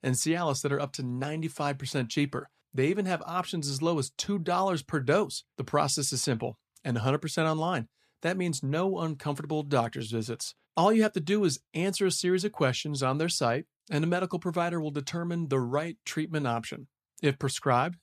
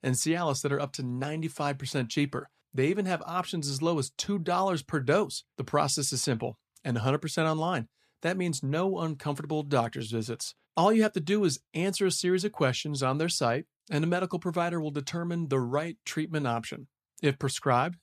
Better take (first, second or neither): neither